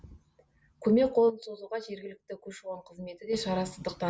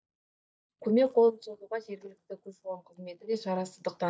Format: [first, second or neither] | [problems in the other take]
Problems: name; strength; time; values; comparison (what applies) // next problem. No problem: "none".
first | noise reduction (neural mask model DeepFilterNet 3)